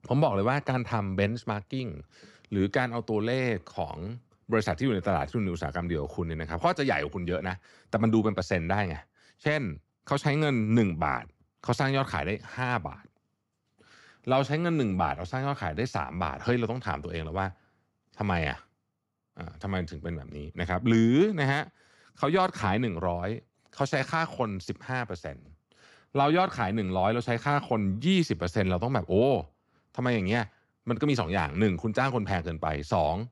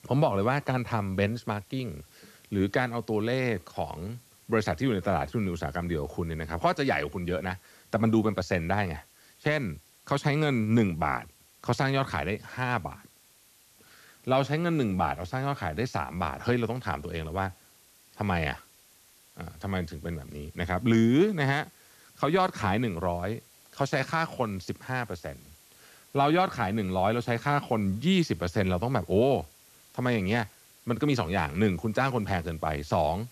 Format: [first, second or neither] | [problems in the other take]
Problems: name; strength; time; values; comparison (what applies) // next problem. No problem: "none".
first | hiss; faint; throughout; 25 dB below the speech